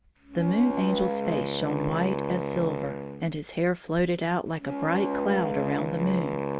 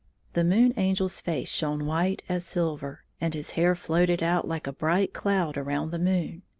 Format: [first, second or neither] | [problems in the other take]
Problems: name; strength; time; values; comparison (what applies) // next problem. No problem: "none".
second | background sound (Wind instrument, woodwind instrument); 3 dB below the speech